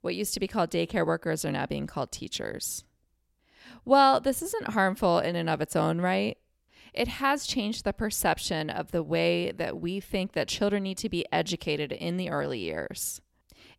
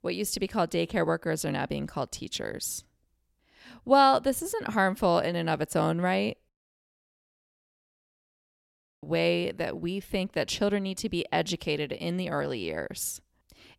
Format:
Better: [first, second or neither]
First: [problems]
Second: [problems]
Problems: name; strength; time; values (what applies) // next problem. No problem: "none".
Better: first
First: none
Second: audio cutting out; at 6.5 s for 2.5 s